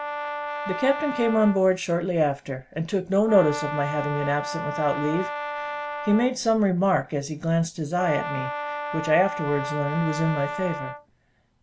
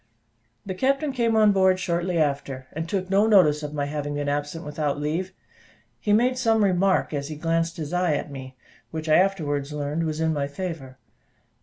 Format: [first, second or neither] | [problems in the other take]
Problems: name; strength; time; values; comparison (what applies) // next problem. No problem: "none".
second | background sound (Brass instrument); 8 dB below the speech